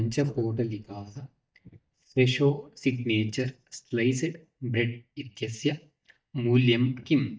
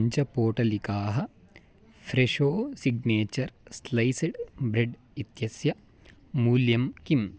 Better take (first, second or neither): second